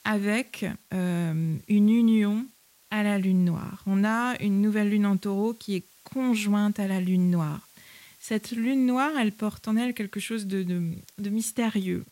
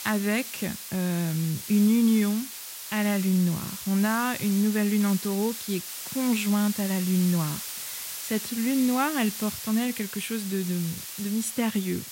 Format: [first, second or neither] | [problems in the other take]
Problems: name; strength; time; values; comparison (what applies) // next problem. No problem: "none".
first | hiss; loud; throughout; 8 dB below the speech; faint in the first